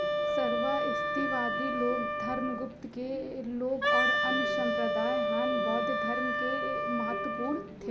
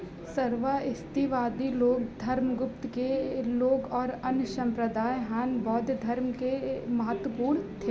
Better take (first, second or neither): second